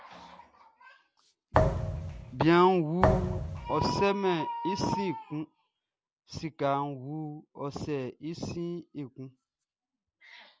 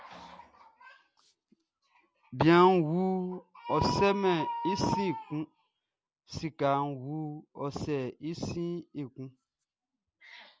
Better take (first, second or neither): second